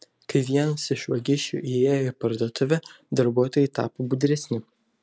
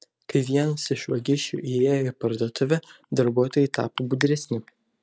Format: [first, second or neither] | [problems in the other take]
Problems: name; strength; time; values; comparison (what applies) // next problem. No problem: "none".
first | noise reduction (neural mask model DeepFilterNet 3)